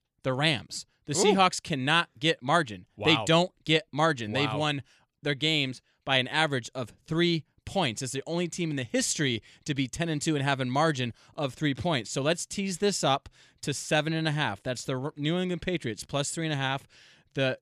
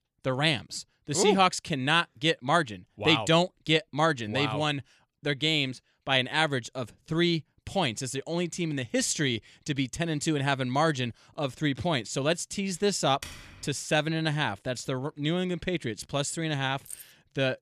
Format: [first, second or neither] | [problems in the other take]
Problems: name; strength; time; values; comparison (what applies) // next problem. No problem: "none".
first | keyboard typing; faint; at 13 s; peak 15 dB below the speech // jangling keys; faint; at 17 s; peak 15 dB below the speech